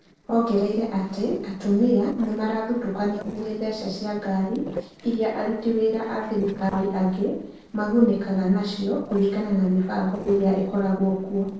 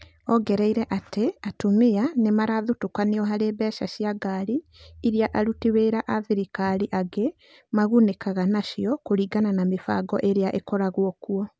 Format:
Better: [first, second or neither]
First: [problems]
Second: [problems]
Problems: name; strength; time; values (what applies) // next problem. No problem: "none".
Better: second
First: noise reduction (neural separator model SepFormer DNS4)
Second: none